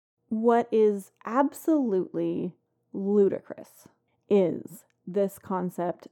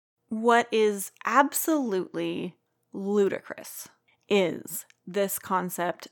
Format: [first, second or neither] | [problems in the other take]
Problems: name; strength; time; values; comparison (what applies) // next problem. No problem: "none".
second | muffled; slightly; fading above 1 kHz